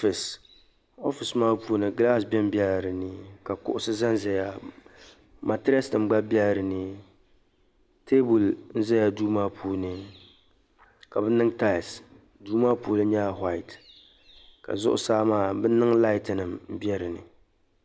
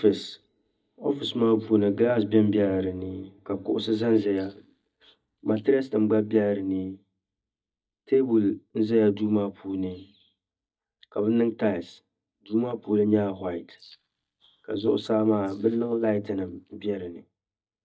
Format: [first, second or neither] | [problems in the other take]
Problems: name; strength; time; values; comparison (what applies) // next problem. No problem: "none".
first | noise reduction (neural mask model DeepFilterNet 3)